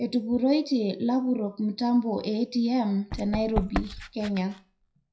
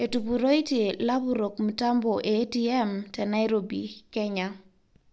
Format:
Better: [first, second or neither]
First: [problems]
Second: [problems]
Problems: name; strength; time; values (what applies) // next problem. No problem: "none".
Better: second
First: noise reduction (classical method WPE with log-MMSE)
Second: none